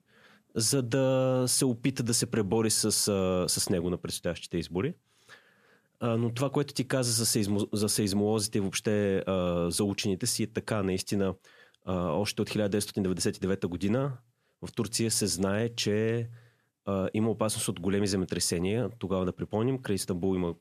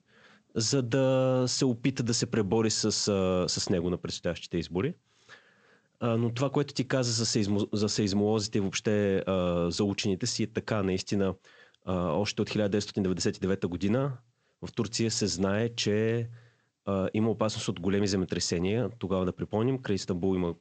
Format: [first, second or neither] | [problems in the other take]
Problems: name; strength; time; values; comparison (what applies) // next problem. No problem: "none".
first | garbled, watery; slightly; nothing above 7.5 kHz